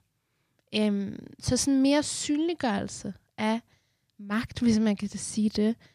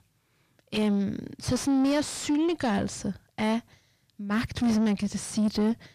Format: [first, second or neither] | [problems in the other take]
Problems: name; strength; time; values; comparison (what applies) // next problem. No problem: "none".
first | distortion; slight; 10 dB below the speech